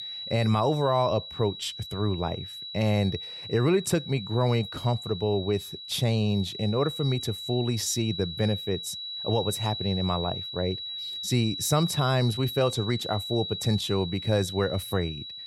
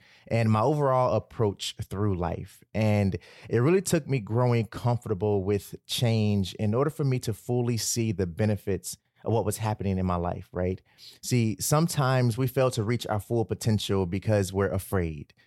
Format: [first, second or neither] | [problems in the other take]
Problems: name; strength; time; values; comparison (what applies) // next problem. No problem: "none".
second | high-pitched whine; loud; throughout; 4 kHz, 7 dB below the speech